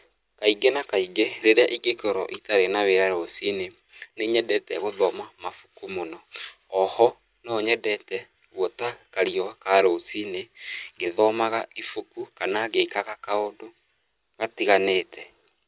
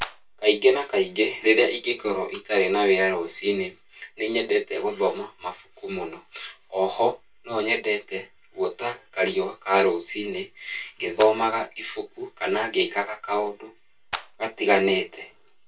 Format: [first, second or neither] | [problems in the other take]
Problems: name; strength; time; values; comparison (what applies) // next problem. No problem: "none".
first | background sound (Clapping); 10 dB below the speech // room echo; dies away in 0.2 s